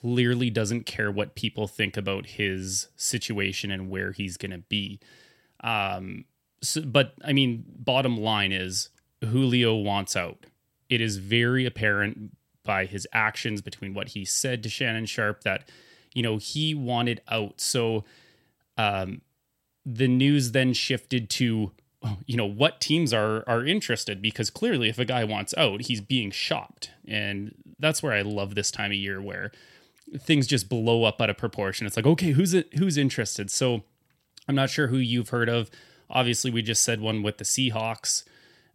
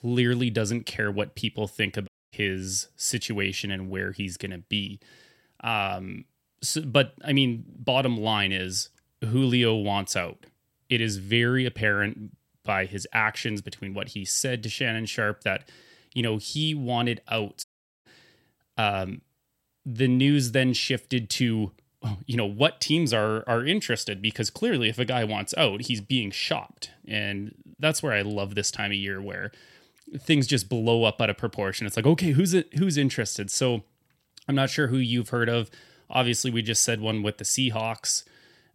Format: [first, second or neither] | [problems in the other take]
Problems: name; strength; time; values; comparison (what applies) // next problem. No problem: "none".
first | audio cutting out; at 2 s and at 18 s